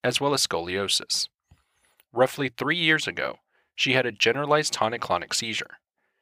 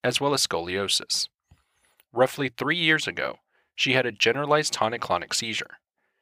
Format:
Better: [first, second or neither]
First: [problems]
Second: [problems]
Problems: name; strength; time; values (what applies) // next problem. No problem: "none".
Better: neither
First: none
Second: none